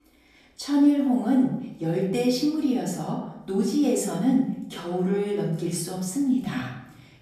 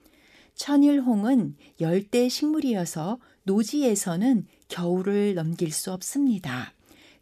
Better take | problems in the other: second | off-mic speech; far // room echo; noticeable; dies away in 0.7 s

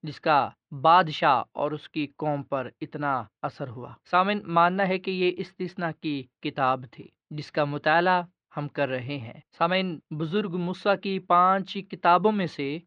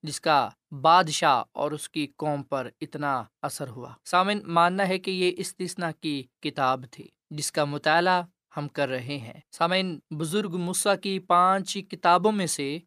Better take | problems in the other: second | muffled; slightly; fading above 3.5 kHz

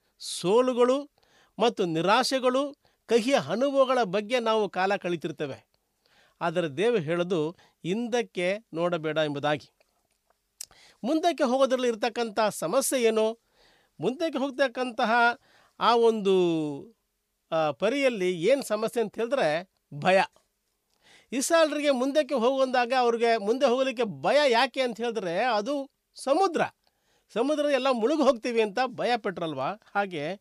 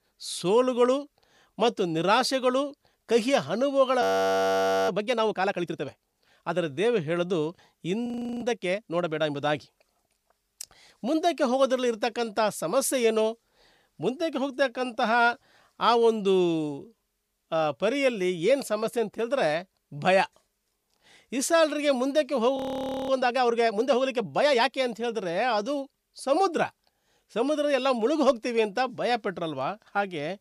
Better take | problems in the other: first | audio freezing; at 4 s for 1 s, at 8 s and at 23 s for 0.5 s

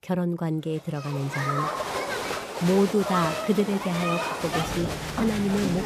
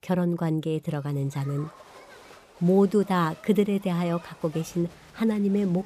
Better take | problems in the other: second | crowd noise; loud; from 1.5 s on; 3 dB below the speech; faint in the second

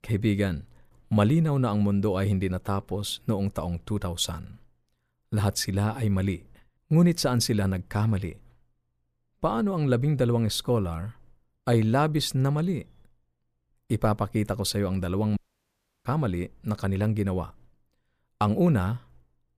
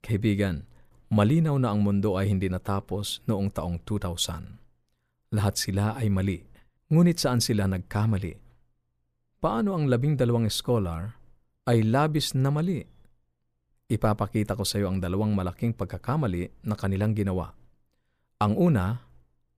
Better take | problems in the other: second | audio cutting out; at 15 s for 0.5 s

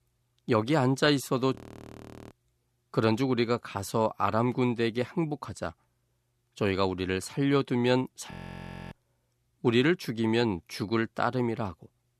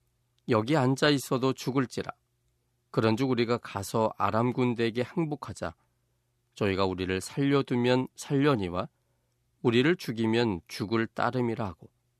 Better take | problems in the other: second | audio freezing; at 1.5 s for 0.5 s and at 8.5 s for 0.5 s

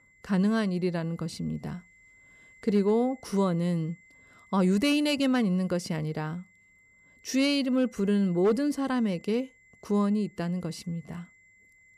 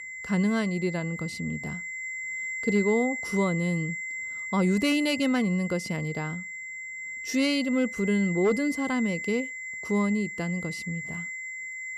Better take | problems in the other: first | high-pitched whine; loud; throughout; 2 kHz, 6 dB below the speech; faint in the first

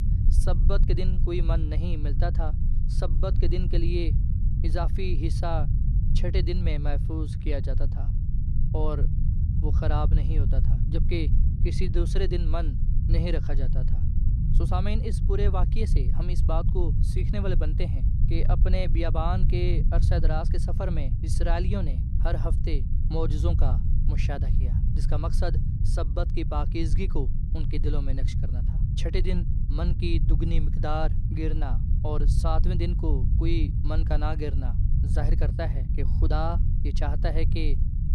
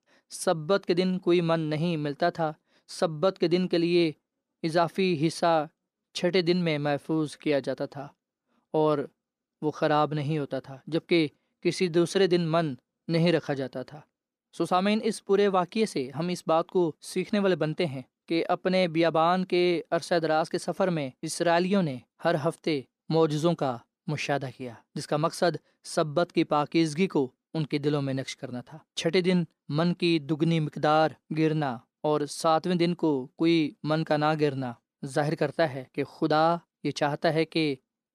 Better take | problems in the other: second | low rumble; loud; throughout; 7 dB below the speech

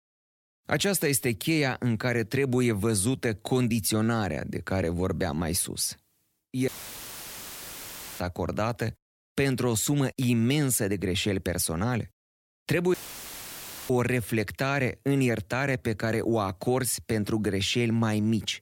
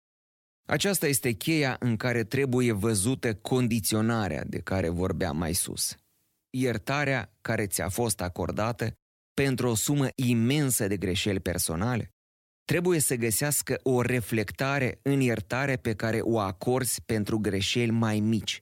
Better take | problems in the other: second | audio cutting out; filled with static; at 6.5 s for 1.5 s and at 13 s for 1 s

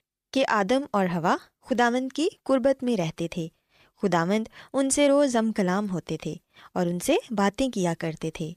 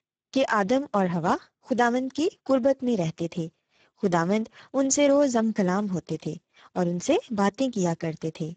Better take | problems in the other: first | garbled, watery; badly; nothing above 7.5 kHz

